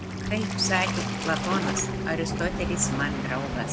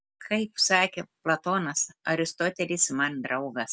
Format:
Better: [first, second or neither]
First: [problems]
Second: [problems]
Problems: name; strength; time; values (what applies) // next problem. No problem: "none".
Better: second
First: background sound (Waves, surf); 1 dB above the speech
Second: none